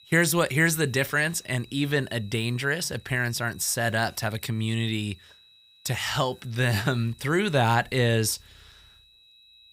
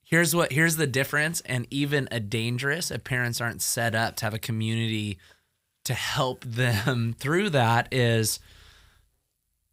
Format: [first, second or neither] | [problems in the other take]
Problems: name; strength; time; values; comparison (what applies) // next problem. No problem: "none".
second | high-pitched whine; faint; throughout; 4 kHz, 25 dB below the speech